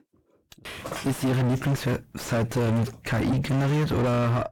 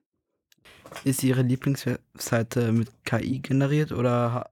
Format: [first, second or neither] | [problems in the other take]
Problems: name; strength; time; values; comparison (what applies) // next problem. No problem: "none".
second | distortion; heavy; 5 dB below the speech